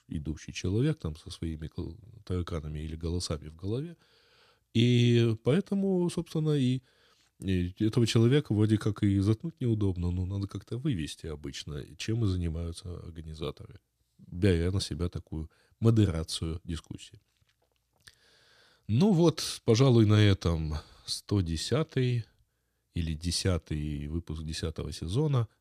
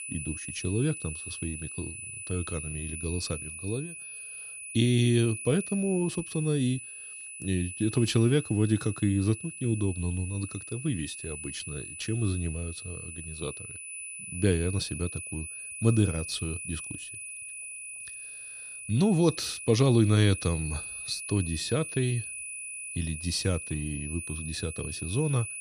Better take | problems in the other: first | high-pitched whine; loud; throughout; 10 kHz, 8 dB below the speech

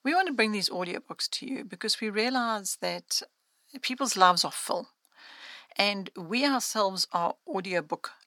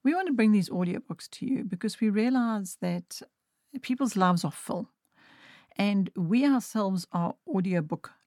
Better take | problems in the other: second | thin; somewhat; fading below 550 Hz

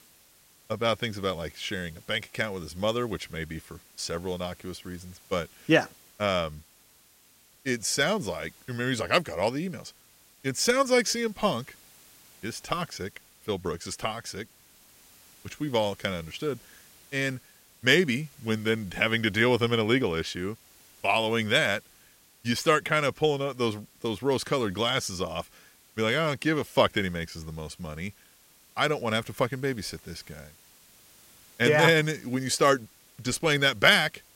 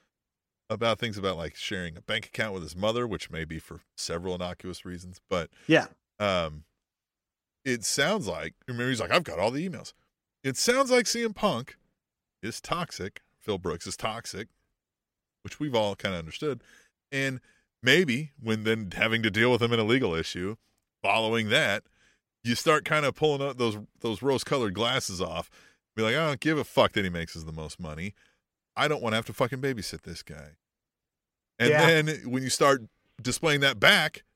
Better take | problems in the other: second | hiss; faint; throughout; 25 dB below the speech

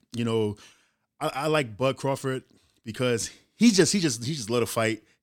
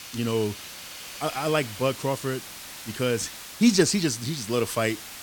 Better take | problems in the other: first | hiss; noticeable; throughout; 10 dB below the speech

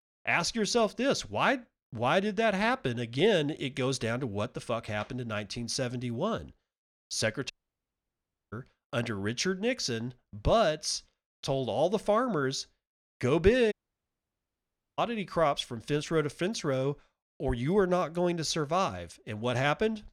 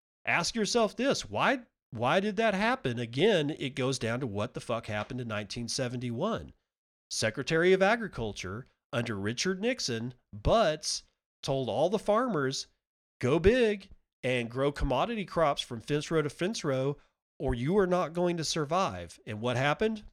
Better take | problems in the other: second | audio cutting out; at 7.5 s for 1 s and at 14 s for 1.5 s

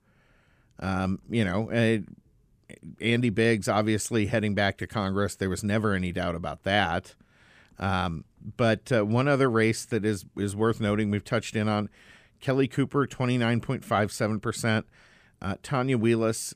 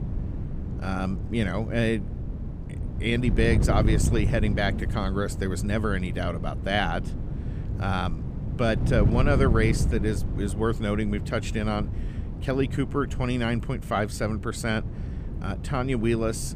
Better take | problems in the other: first | wind noise on the microphone; occasional gusts; 10 dB below the speech

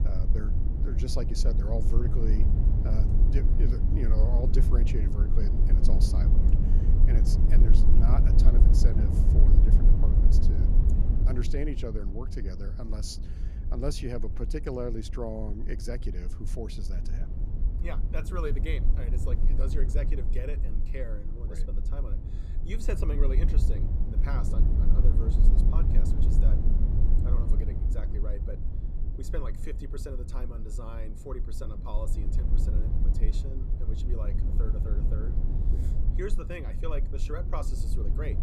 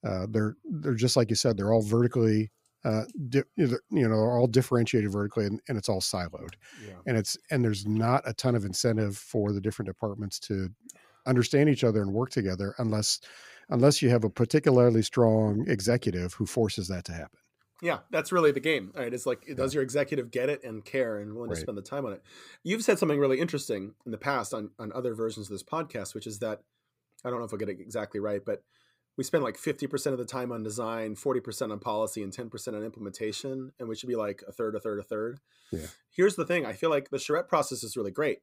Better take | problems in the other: second | low rumble; loud; throughout; 3 dB below the speech

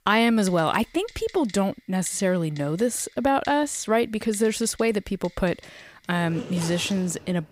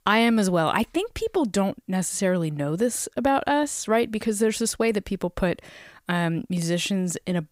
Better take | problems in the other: second | household noises; noticeable; throughout; 20 dB below the speech

